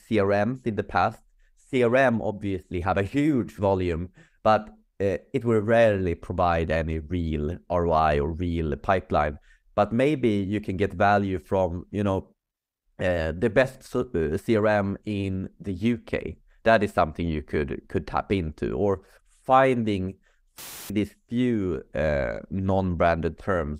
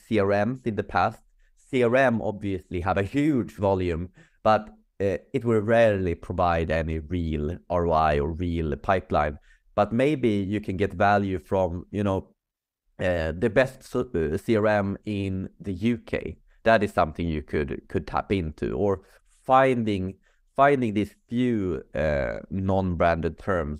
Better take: second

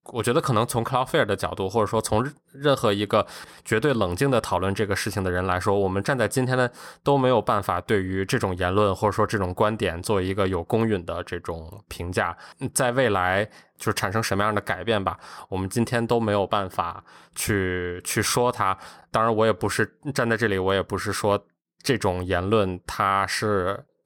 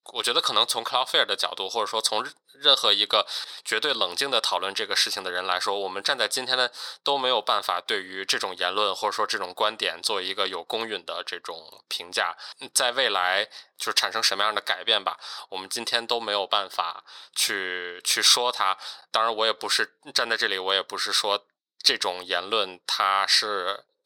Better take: first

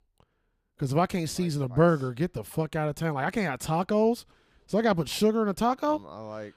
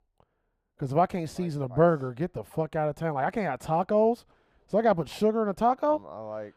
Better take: first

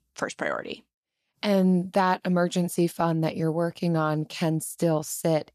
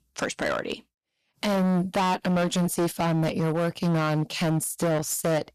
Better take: first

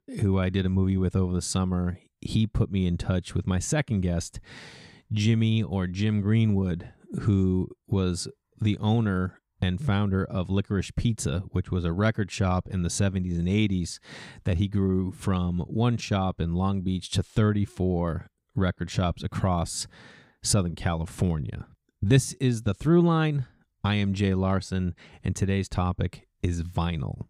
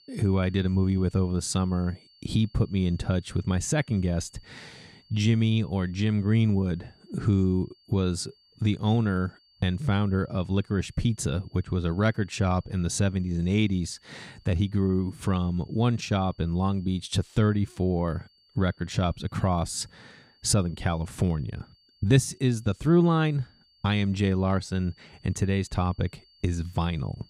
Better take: first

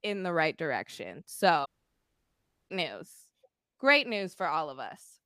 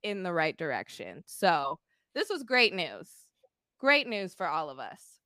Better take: second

